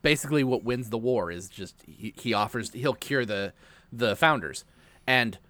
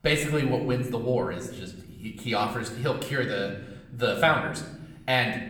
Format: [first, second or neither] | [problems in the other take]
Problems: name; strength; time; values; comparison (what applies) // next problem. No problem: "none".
first | room echo; slight; dies away in 1 s // off-mic speech; somewhat distant